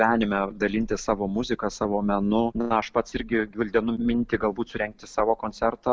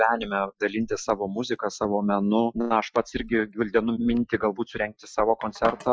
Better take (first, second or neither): first